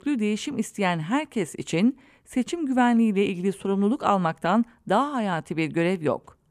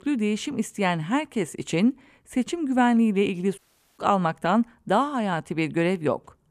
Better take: first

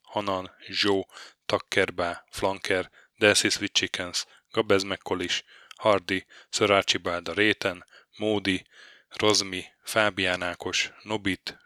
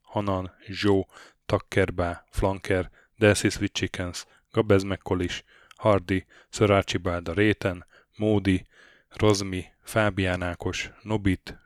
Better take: second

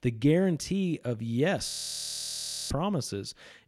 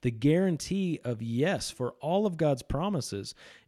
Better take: second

